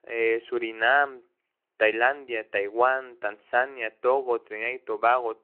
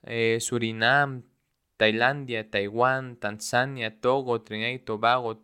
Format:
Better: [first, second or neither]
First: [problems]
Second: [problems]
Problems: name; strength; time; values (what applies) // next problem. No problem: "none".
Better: second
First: phone-call audio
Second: none